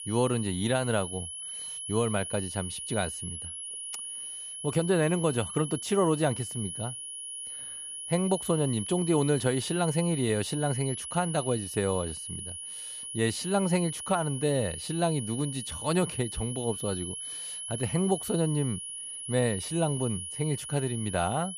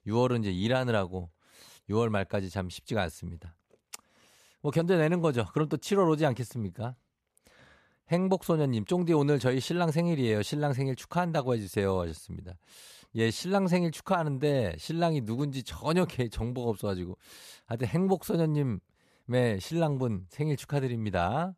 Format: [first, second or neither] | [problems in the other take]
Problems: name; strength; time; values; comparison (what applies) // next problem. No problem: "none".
second | high-pitched whine; loud; throughout; 10.5 kHz, 6 dB below the speech